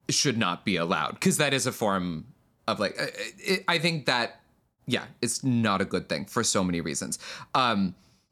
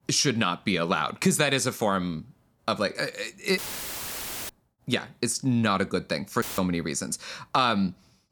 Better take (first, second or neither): first